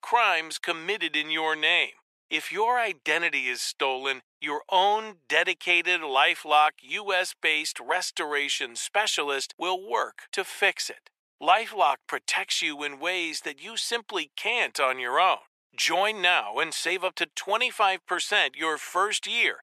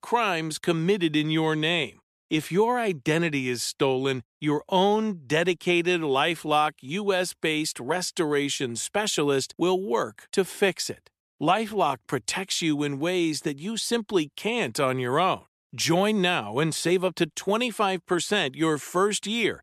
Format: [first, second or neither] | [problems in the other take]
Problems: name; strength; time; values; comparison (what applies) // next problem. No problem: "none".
second | thin; very; fading below 600 Hz